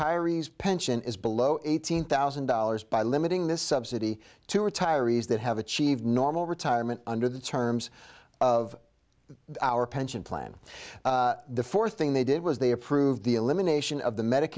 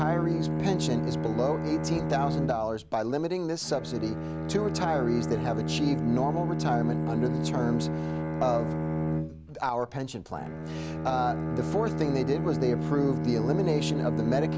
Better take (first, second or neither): first